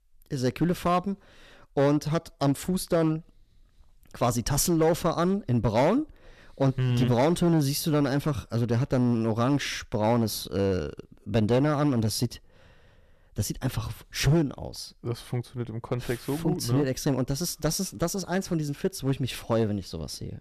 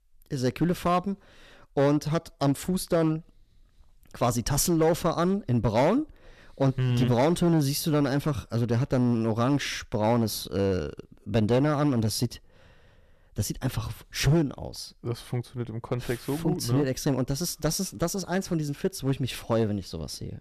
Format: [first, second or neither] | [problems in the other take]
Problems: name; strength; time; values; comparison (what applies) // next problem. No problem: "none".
neither | distortion; slight; 4% of the sound clipped; the same in both